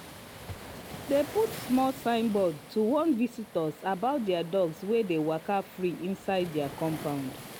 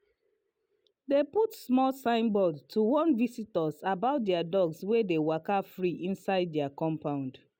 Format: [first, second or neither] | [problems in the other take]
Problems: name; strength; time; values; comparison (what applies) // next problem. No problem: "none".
second | background sound (Waves, surf); 15 dB below the speech